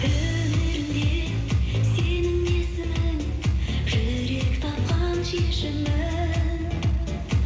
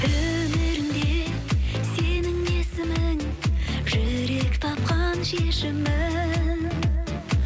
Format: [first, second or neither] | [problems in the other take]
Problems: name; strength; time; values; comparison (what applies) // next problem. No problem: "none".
second | room echo; dies away in 1.9 s